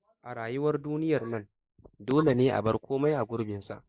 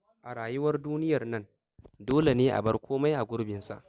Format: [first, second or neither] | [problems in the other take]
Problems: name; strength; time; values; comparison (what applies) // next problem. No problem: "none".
second | noise reduction (neural mask model Resemble Enhance denoiser)